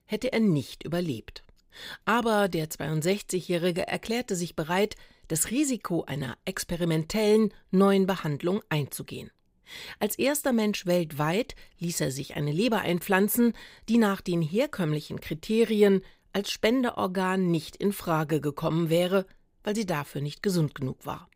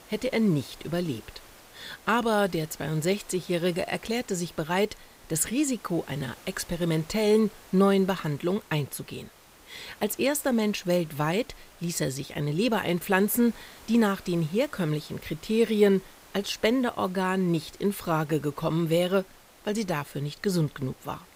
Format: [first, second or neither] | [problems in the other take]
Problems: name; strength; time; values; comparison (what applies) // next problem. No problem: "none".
first | hiss; faint; throughout; 25 dB below the speech